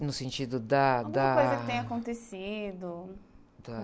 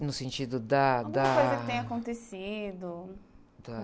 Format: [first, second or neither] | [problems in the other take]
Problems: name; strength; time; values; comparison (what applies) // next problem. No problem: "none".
first | background sound (Clapping); 15 dB below the speech